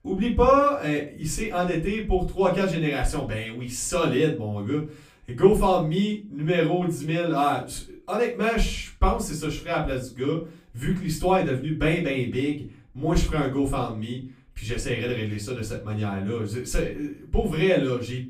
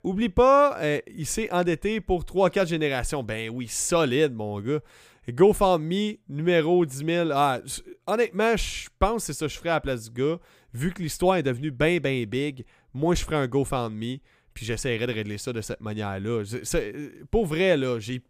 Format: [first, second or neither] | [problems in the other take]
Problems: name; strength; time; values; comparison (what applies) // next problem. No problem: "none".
second | off-mic speech; far // room echo; slight; dies away in 0.3 s